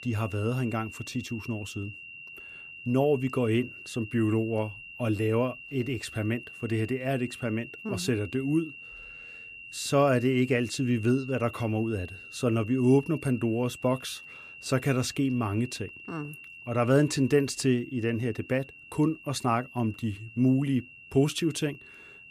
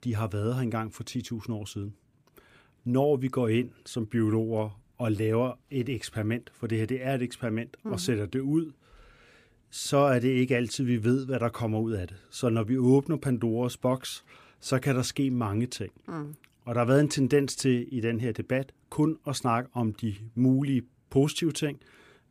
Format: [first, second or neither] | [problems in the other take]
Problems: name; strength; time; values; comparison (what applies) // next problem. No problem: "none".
second | high-pitched whine; noticeable; throughout; 3 kHz, 15 dB below the speech